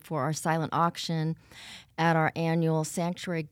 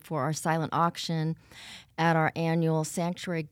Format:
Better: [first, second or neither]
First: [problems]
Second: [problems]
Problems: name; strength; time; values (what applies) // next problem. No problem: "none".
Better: neither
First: none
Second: none